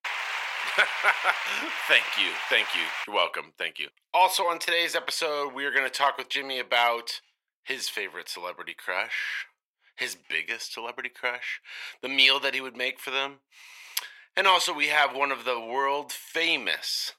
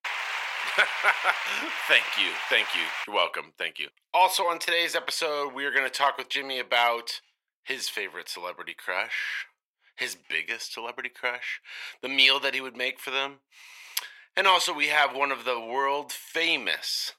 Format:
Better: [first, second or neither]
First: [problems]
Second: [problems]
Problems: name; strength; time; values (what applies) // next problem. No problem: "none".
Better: neither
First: thin; very; fading below 650 Hz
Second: thin; very; fading below 650 Hz